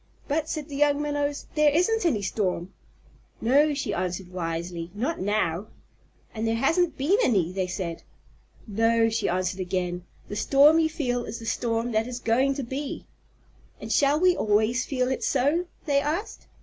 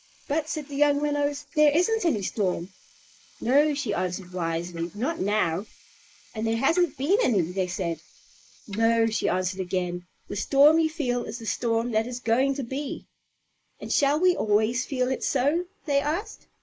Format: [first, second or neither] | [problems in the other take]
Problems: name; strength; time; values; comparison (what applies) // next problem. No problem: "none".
first | noise reduction (neural mask model Resemble Enhance denoiser)